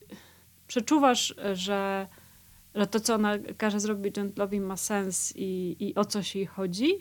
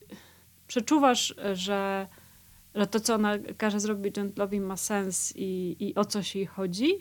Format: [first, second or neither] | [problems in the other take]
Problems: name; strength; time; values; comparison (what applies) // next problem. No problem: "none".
neither | hiss; faint; throughout; 25 dB below the speech; the same in both